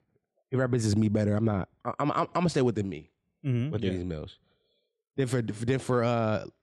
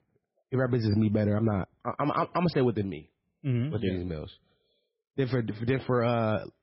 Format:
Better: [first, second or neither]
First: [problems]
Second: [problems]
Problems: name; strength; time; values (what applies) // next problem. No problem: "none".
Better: first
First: none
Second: garbled, watery; badly; nothing above 5.5 kHz